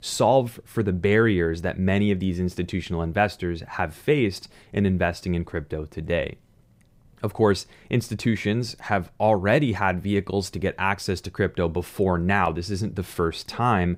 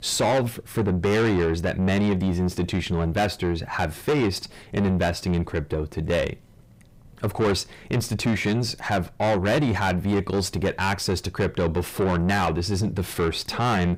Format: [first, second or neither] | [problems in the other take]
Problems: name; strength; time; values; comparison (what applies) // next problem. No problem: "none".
first | distortion; heavy; 7 dB below the speech